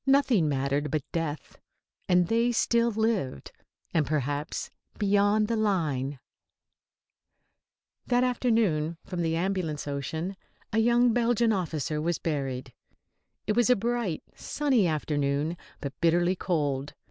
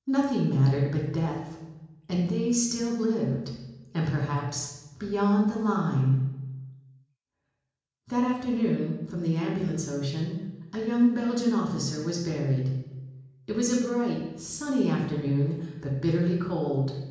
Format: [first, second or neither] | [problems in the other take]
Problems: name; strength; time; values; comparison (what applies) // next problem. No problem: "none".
first | room echo; dies away in 1 s